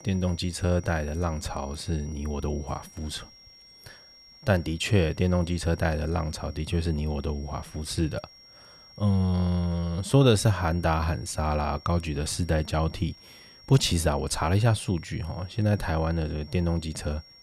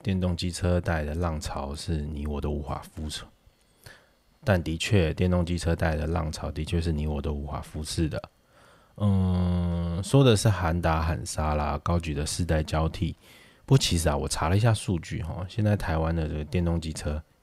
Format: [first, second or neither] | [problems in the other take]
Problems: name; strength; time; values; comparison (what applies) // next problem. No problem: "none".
second | high-pitched whine; faint; throughout; 5.5 kHz, 20 dB below the speech